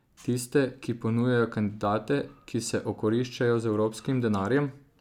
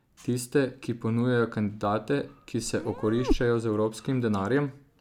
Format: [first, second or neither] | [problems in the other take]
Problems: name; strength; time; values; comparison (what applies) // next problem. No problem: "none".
first | background sound (Meow); 3 dB below the speech